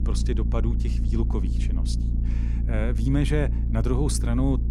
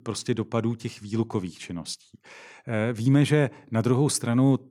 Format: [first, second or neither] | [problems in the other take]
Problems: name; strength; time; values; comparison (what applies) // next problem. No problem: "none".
second | low rumble; loud; throughout; 9 dB below the speech